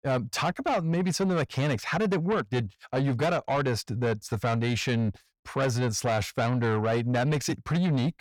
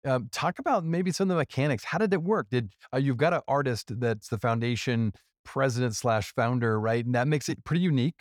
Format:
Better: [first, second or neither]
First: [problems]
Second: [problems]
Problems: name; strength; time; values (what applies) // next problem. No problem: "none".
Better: second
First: distortion; slight; 10 dB below the speech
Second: none